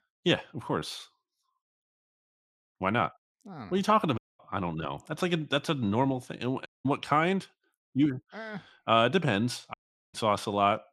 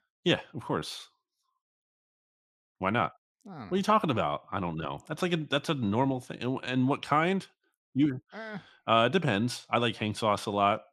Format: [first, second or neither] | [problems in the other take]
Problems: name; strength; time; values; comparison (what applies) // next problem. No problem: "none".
second | audio cutting out; at 4 s, at 6.5 s and at 9.5 s